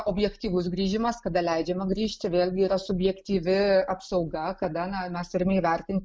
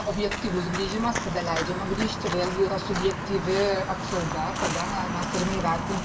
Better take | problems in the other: first | background sound (Walk, footsteps); 3 dB below the speech // room echo; dies away in 1.3 s

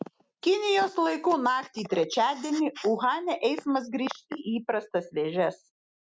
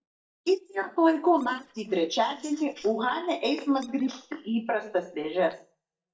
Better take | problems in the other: first | noise reduction (neural mask model DeepFilterNet 3)

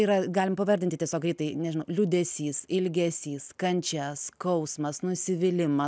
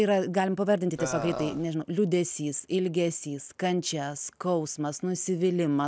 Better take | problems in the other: first | background sound (Burping, eructation); 6 dB below the speech

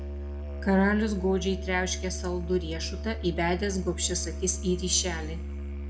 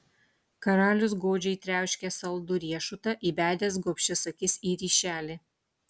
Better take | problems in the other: second | background sound (Musical instrument); 5 dB below the speech // room echo; dies away in 0.5 s

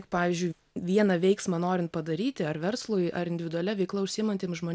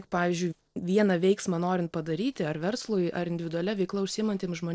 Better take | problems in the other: first | noise reduction (neural separator model SepFormer DNS4)

